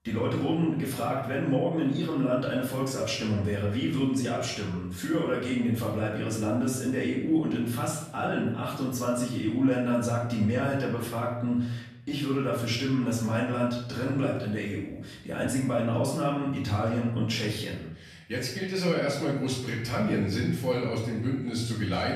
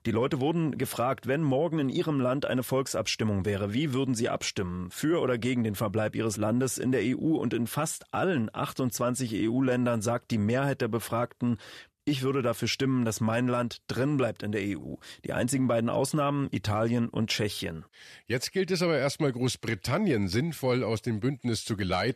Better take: second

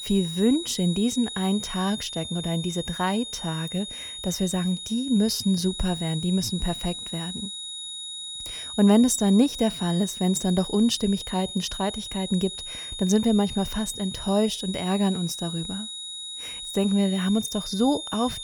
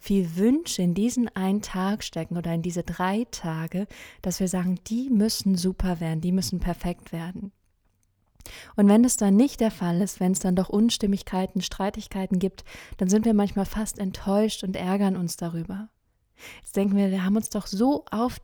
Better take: second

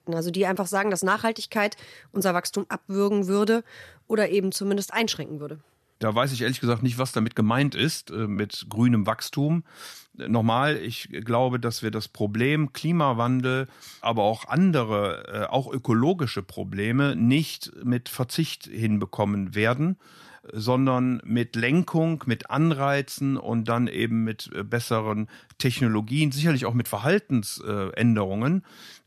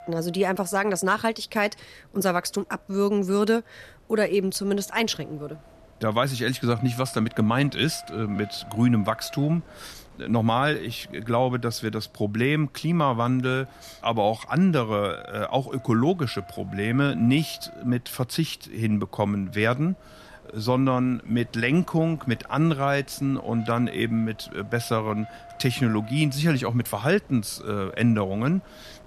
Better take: first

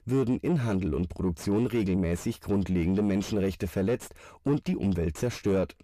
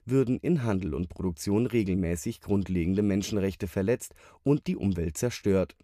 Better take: second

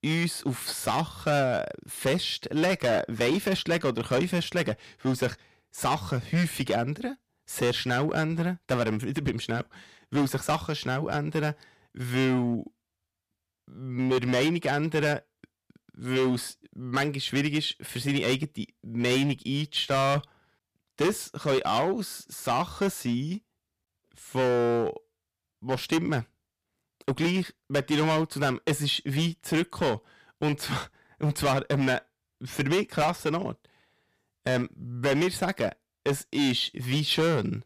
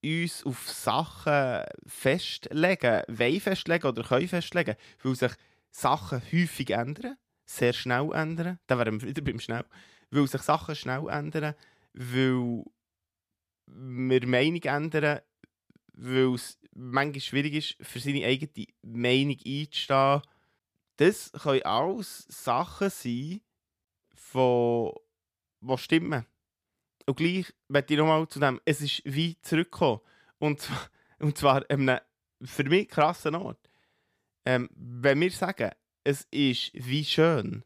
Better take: second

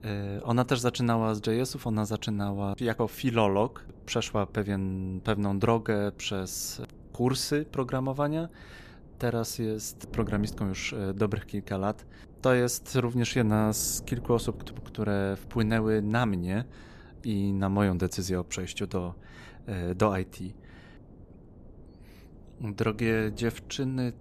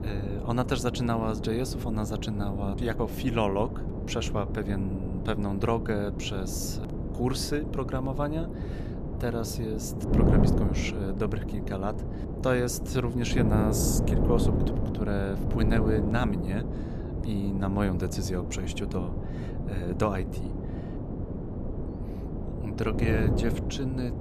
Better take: first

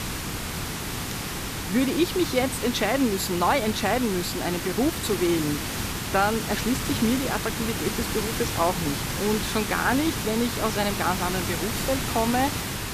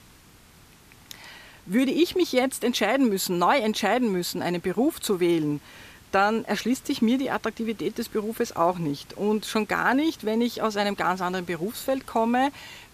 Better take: second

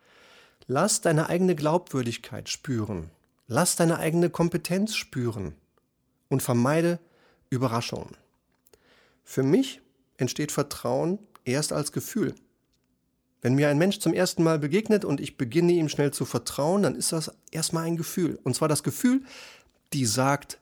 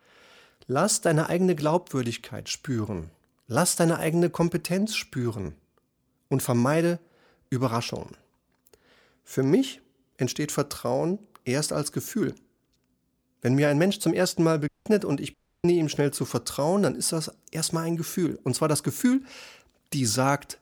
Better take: first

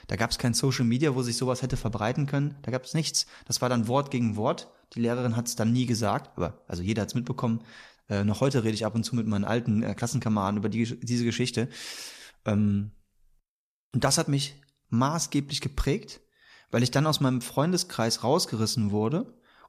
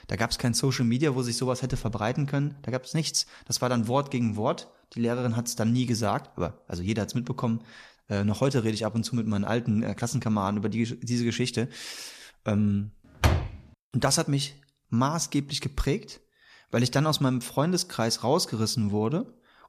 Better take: first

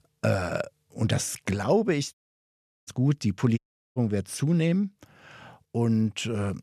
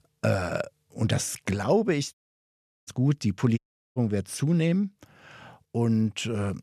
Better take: neither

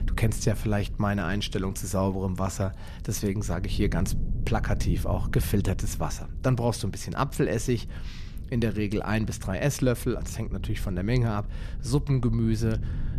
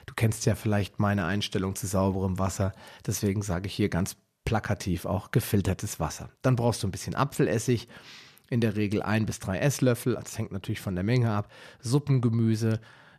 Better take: second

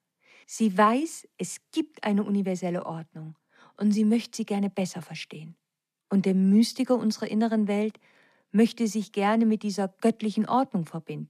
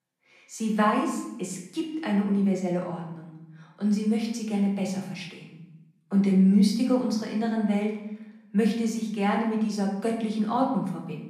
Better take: first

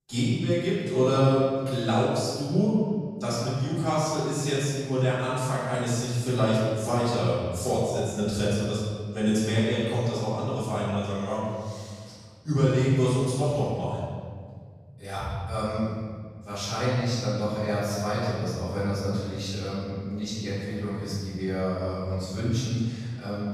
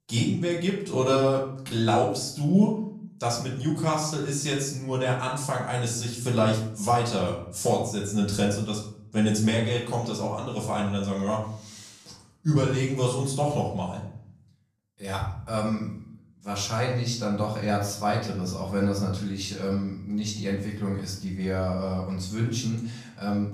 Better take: second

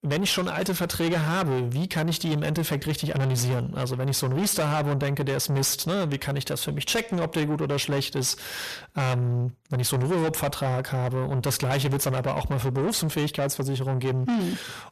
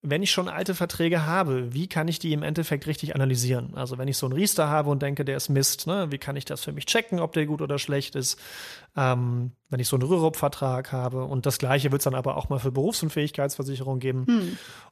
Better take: second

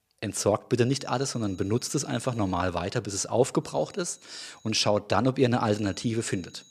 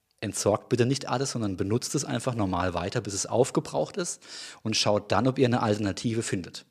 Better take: second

